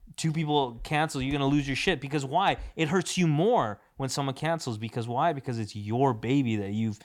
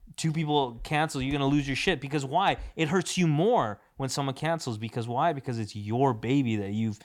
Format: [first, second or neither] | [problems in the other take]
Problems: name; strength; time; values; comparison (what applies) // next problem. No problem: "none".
neither | none